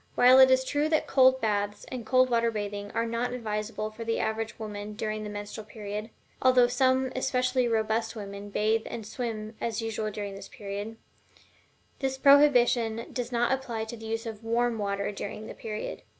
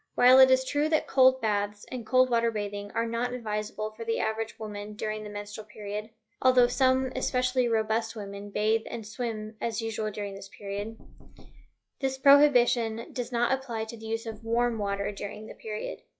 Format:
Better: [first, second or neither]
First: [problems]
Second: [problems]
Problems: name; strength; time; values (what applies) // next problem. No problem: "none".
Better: first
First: none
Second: noise reduction (classical method log-MMSE)